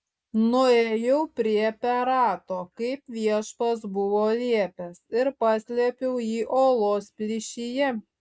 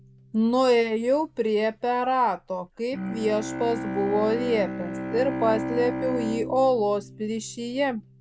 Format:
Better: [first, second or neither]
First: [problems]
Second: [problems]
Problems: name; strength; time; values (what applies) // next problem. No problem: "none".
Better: first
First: none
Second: background sound (Bowed string instrument); 9 dB below the speech